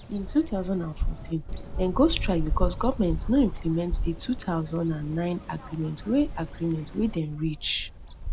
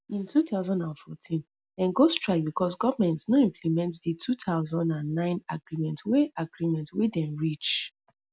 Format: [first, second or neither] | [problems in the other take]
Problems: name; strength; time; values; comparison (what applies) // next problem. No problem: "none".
second | background sound (Bird vocalization, bird call, bird song); 4 dB below the speech